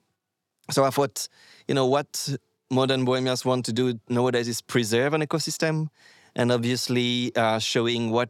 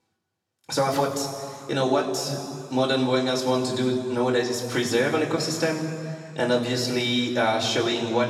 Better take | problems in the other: first | room echo; noticeable; dies away in 2 s // off-mic speech; far

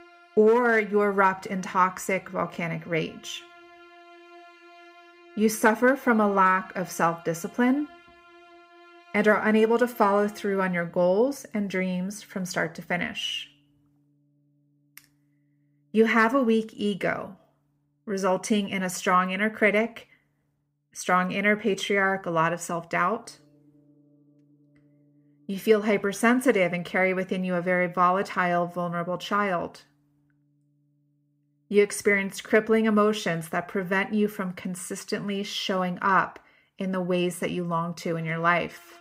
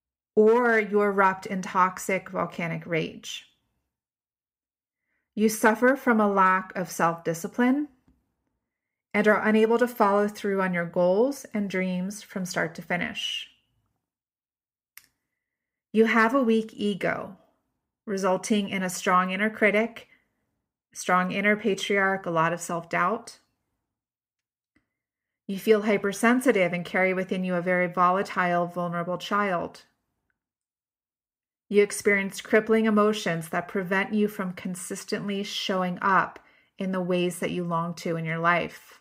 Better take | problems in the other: second | background music; faint; throughout; 30 dB below the speech

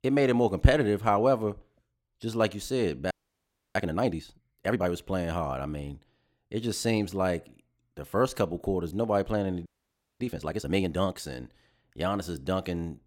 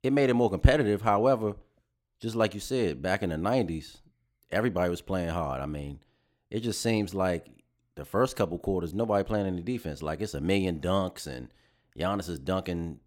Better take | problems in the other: second | audio freezing; at 3 s for 0.5 s and at 9.5 s for 0.5 s

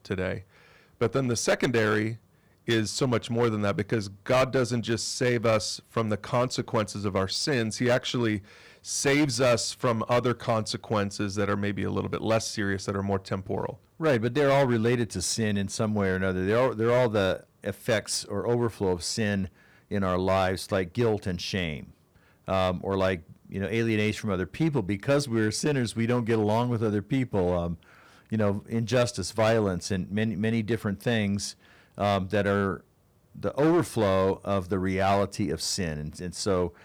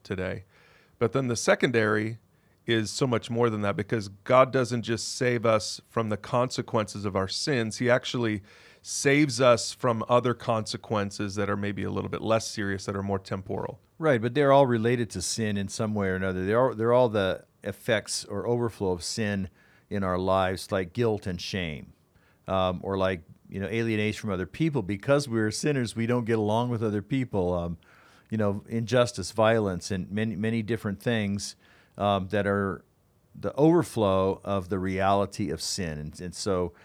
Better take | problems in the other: second | distortion; slight; 7% of the sound clipped

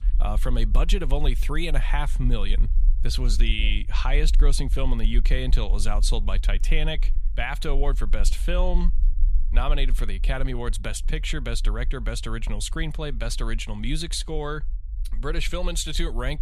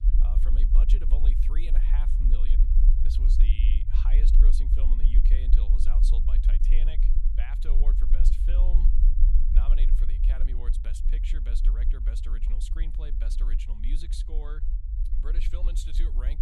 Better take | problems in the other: first | low rumble; loud; throughout; 3 dB below the speech; faint in the first

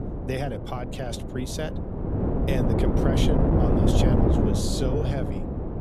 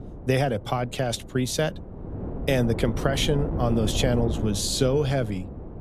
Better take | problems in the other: second | wind noise on the microphone; heavy; 3 dB above the speech; occasional gusts in the second

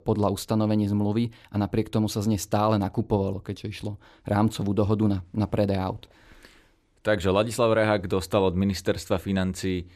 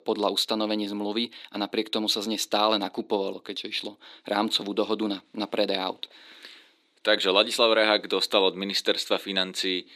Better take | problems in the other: first | thin; somewhat; fading below 250 Hz

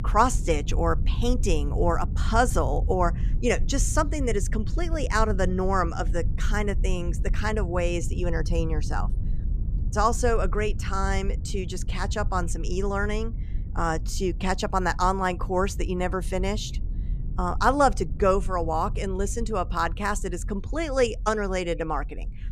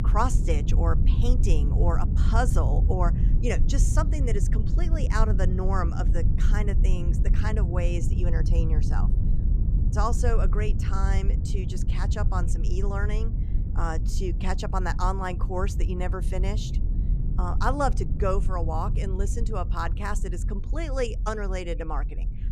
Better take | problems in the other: first | low rumble; loud; throughout; 10 dB below the speech; faint in the first

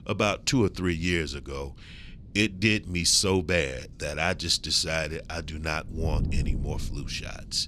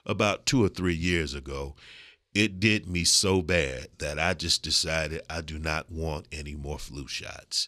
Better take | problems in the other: second | wind noise on the microphone; occasional gusts; 25 dB below the speech

